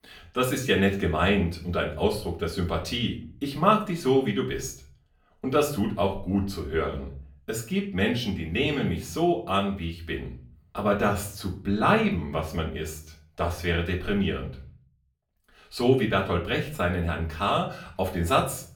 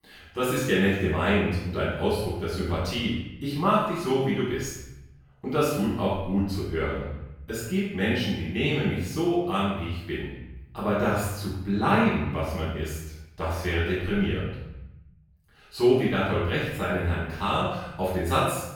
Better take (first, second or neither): first